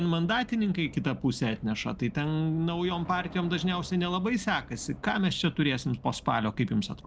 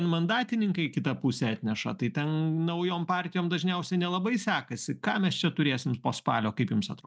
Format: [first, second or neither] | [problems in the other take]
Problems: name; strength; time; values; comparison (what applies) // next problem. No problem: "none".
second | background sound (Subway, metro, underground / Train); 19 dB below the speech